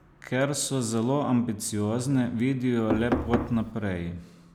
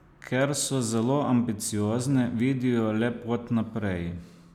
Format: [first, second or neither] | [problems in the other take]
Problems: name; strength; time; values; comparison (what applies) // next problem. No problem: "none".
second | background sound (Knock); 1 dB below the speech